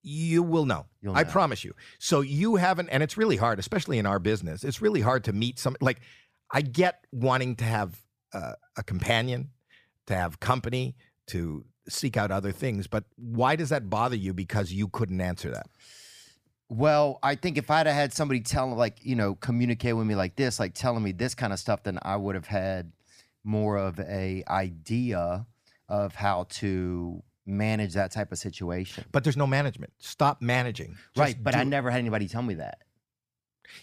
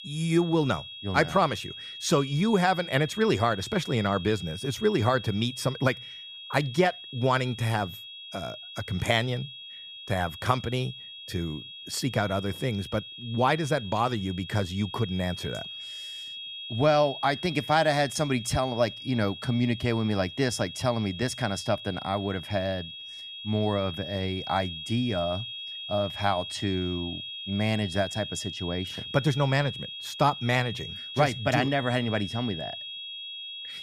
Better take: first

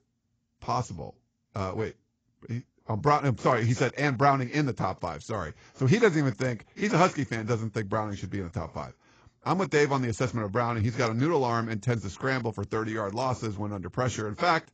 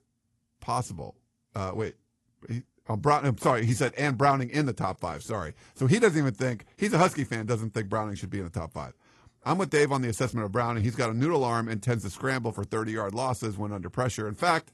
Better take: second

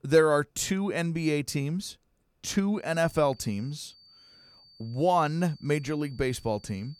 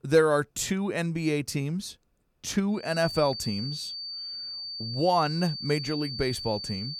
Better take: first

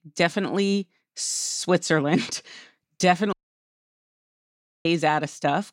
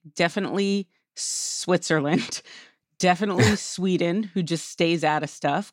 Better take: second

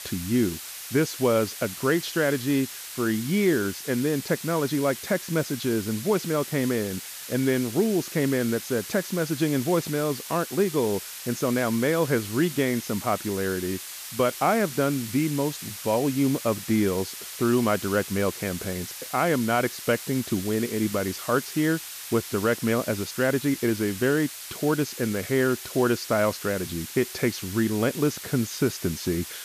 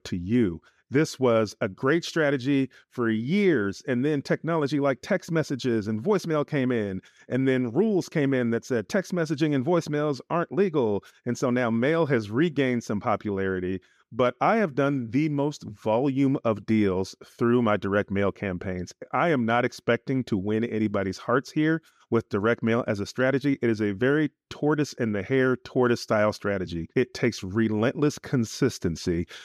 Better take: second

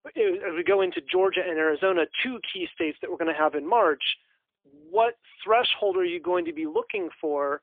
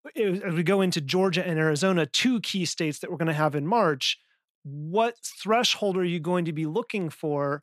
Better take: second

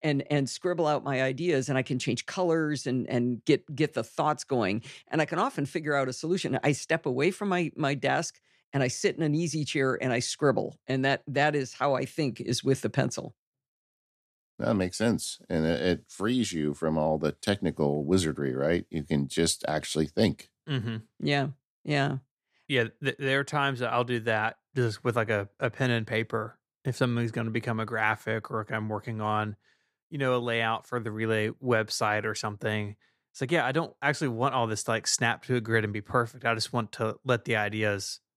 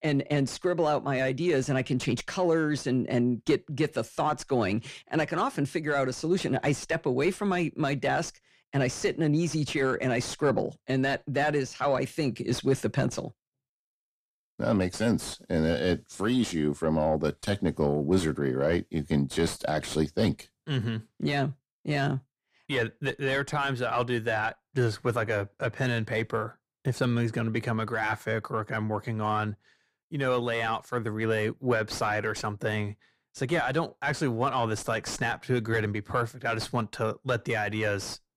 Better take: first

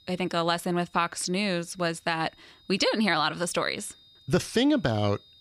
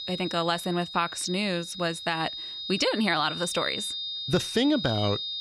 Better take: first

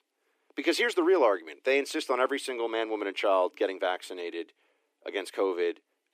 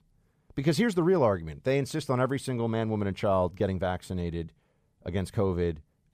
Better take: second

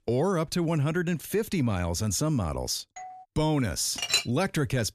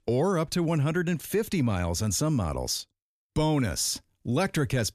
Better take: second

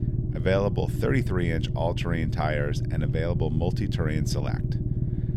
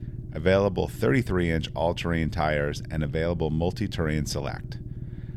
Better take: second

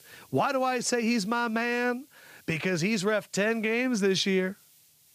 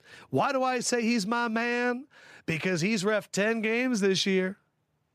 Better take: second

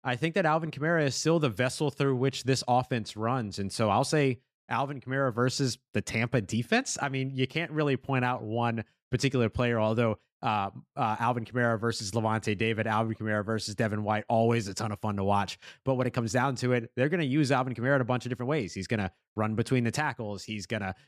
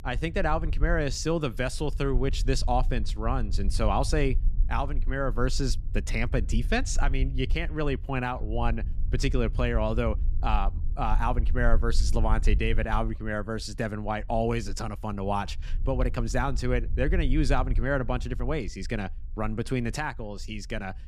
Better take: first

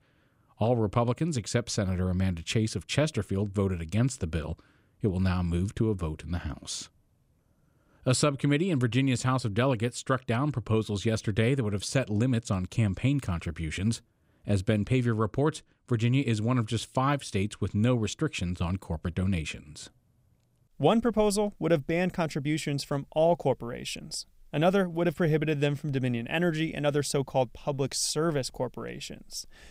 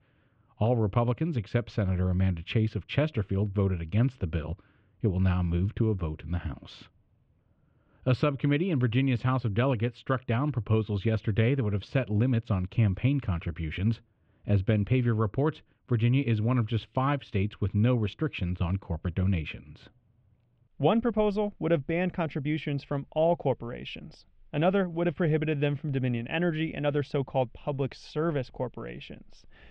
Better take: first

